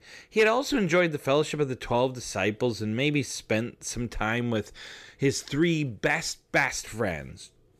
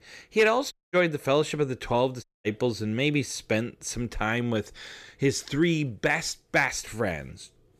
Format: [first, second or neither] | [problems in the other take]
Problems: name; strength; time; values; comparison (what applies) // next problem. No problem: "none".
first | audio cutting out; at 0.5 s and at 2 s